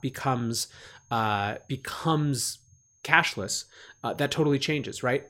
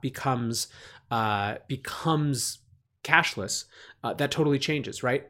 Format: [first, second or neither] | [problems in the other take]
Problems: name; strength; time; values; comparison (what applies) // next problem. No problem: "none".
second | high-pitched whine; faint; throughout; 6.5 kHz, 35 dB below the speech